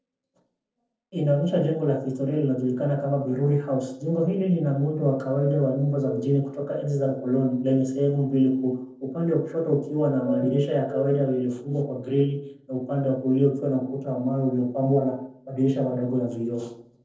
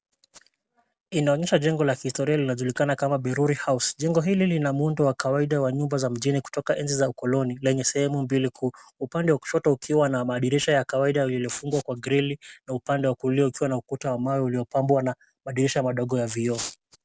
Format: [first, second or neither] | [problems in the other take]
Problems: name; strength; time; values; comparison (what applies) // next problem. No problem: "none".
second | noise reduction (neural separator model SepFormer DNS4)